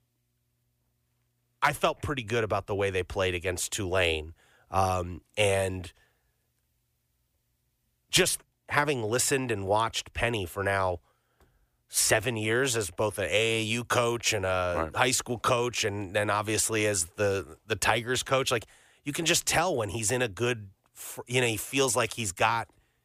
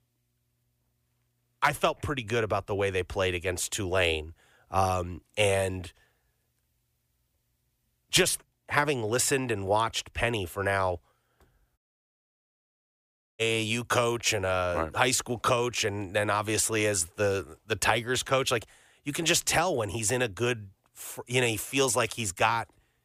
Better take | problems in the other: first | audio cutting out; at 12 s for 1.5 s

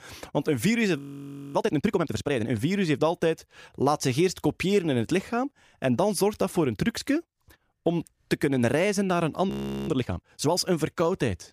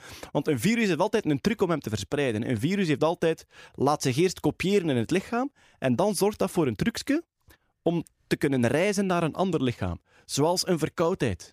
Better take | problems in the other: second | audio freezing; at 1 s for 0.5 s and at 9.5 s

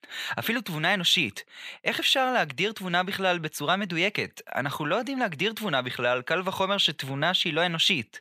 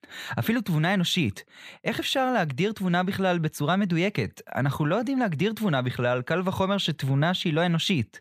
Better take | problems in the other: second | thin; somewhat; fading below 550 Hz

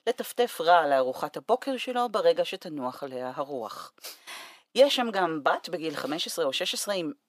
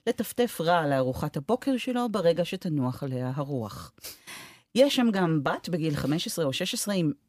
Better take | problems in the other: second | thin; somewhat; fading below 400 Hz

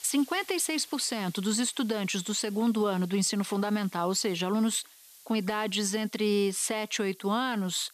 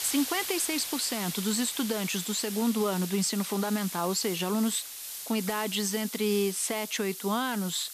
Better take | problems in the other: first | hiss; loud; throughout; 7 dB below the speech; faint in the first

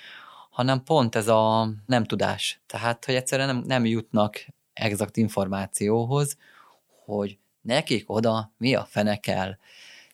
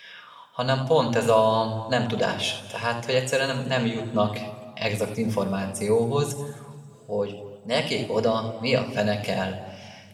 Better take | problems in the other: first | room echo; slight; dies away in 1.5 s // off-mic speech; somewhat distant

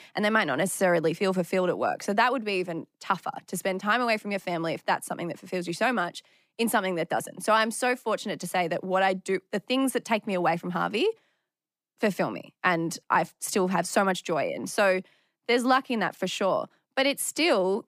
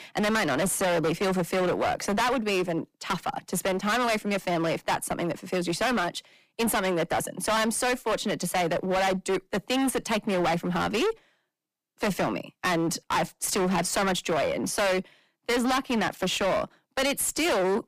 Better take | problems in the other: first | distortion; heavy; 24% of the sound clipped

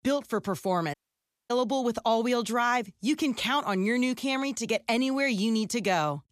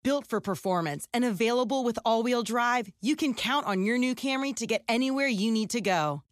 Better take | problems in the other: second | audio cutting out; at 1 s for 0.5 s

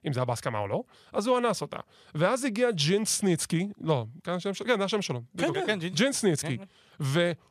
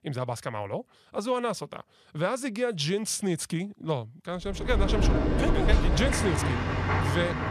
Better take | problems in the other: first | traffic noise; very loud; from 4.5 s on; 3 dB above the speech

